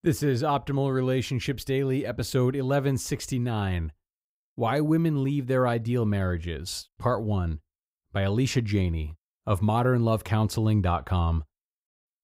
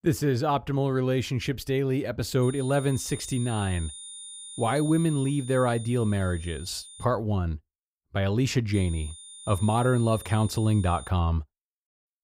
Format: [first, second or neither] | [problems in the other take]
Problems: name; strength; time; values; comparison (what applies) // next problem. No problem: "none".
first | high-pitched whine; noticeable; from 2.5 to 7 s and from 8.5 to 11 s; 9.5 kHz, 15 dB below the speech